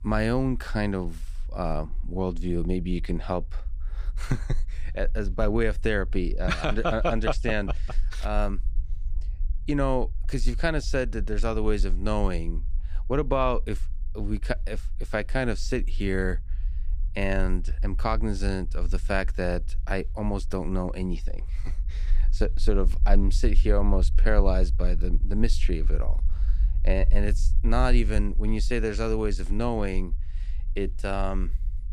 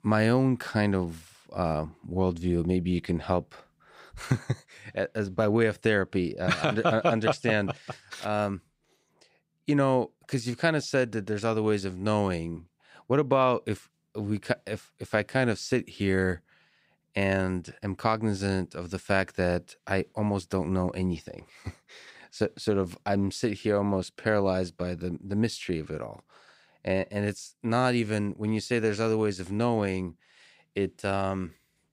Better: second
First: low rumble; faint; throughout; 25 dB below the speech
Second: none

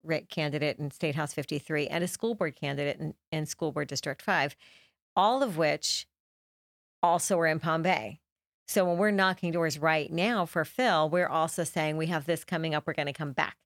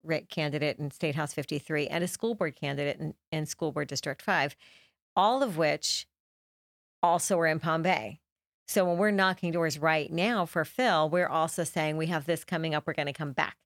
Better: neither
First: none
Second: none

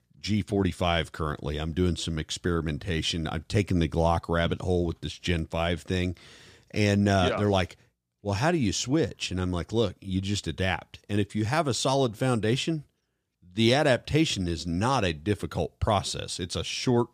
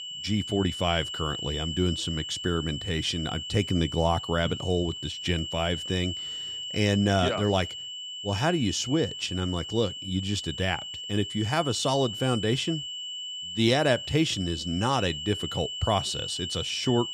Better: first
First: none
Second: high-pitched whine; loud; throughout; 3 kHz, 6 dB below the speech

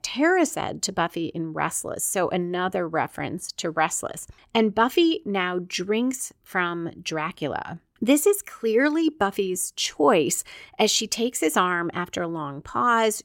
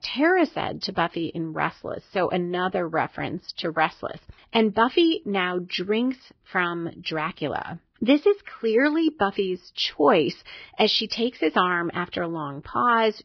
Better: first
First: none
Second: garbled, watery; badly; nothing above 5 kHz

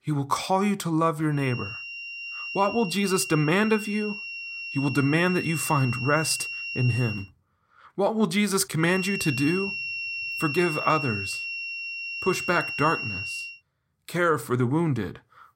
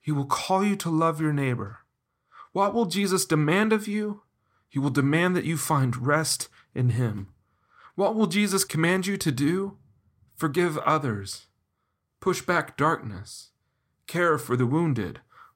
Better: second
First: high-pitched whine; loud; from 1.5 to 7 s and from 9 to 13 s; 2.5 kHz, 6 dB below the speech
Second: none

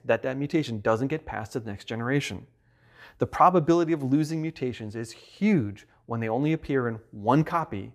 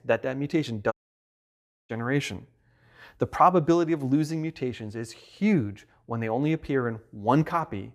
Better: first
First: none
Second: audio cutting out; at 1 s for 1 s

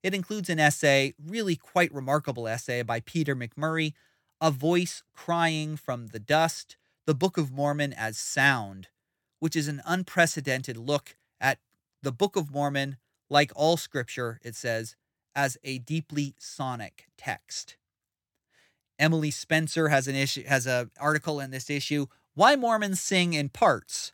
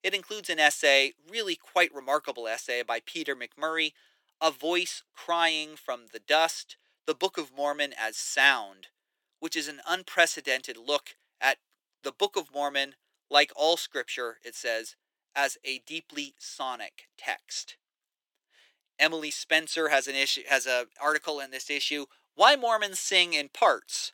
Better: first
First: none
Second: thin; very; fading below 350 Hz

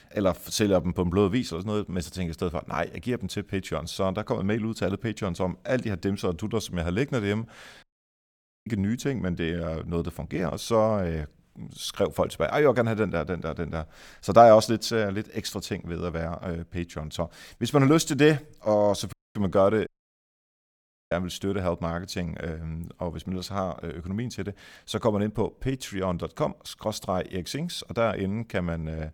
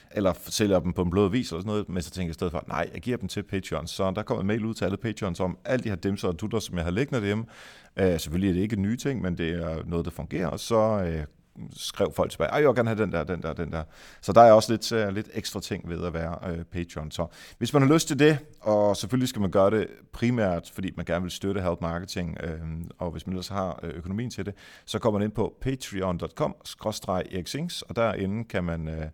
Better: second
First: audio cutting out; at 8 s for 1 s, at 19 s and at 20 s for 1 s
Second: none

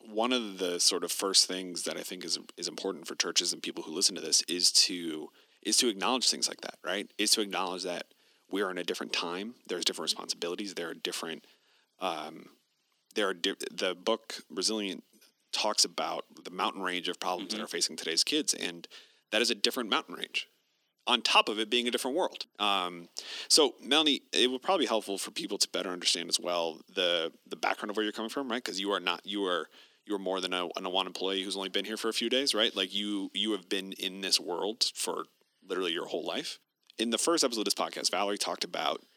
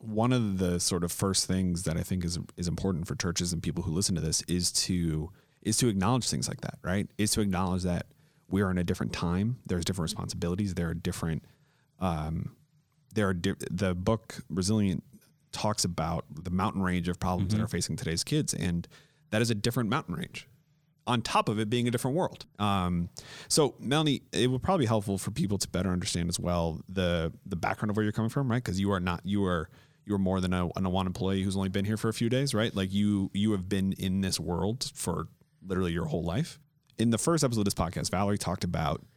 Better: second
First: thin; somewhat; fading below 250 Hz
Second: none

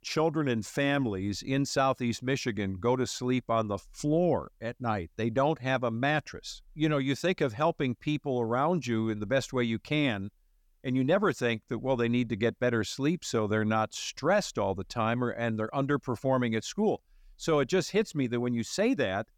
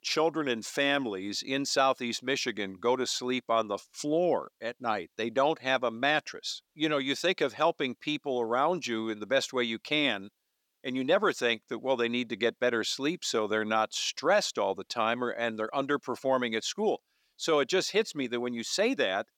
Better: first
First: none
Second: thin; very slightly; fading below 300 Hz

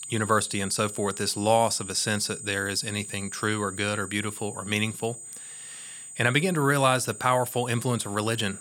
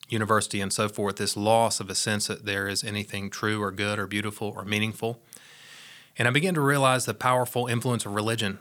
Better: second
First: high-pitched whine; noticeable; throughout; 8 kHz, 10 dB below the speech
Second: none

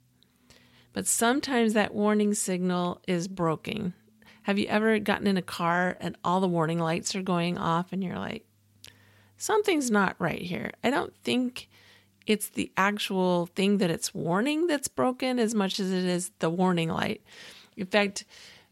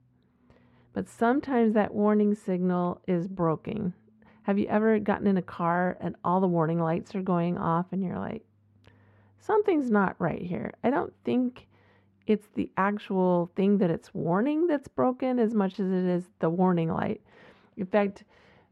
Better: first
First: none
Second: muffled; very; fading above 3 kHz

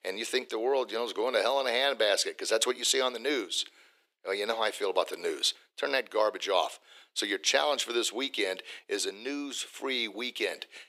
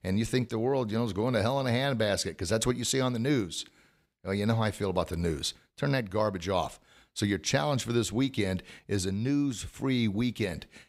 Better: second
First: thin; very; fading below 350 Hz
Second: none

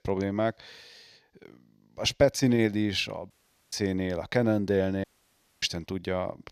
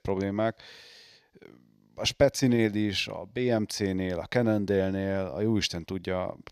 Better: second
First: audio cutting out; at 3.5 s and at 5 s for 0.5 s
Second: none

